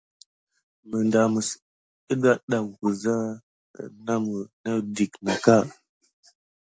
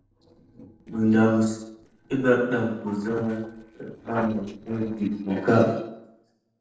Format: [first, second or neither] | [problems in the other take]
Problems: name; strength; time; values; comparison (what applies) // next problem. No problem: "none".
first | noise reduction (neural separator model SepFormer DNS4)